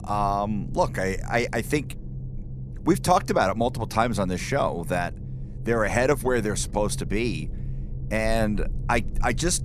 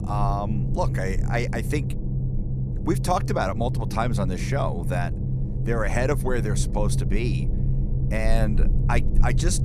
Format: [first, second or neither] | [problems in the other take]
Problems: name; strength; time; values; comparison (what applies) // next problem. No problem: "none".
first | low rumble; loud; throughout; 10 dB below the speech; faint in the first